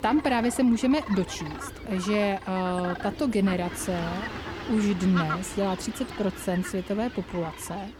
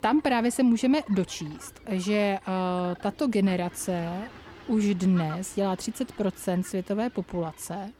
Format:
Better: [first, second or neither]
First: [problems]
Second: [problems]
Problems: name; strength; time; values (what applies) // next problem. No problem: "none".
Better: second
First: animal sounds; loud; throughout; 10 dB below the speech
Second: animal sounds; faint; throughout; 20 dB below the speech